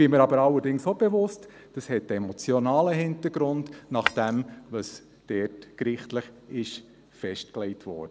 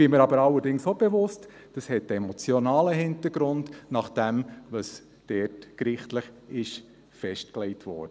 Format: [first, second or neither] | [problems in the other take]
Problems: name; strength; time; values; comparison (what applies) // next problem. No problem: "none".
second | background sound (Shatter); 6 dB below the speech